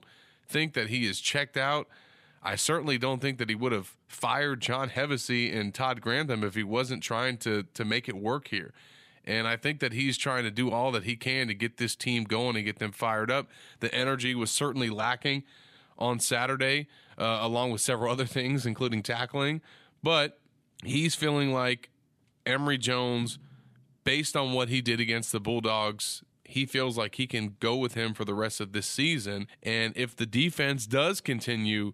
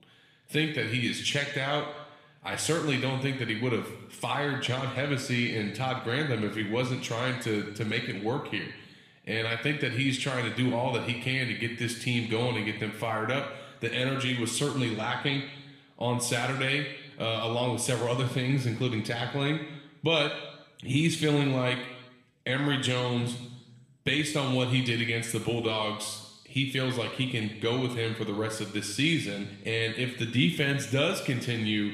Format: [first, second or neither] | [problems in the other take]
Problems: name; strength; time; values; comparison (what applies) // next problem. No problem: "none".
first | room echo; slight; dies away in 0.9 s